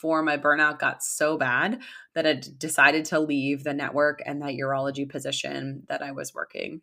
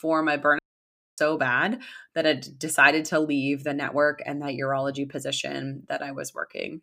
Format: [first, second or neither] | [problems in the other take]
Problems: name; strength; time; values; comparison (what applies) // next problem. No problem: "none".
first | audio cutting out; at 0.5 s for 0.5 s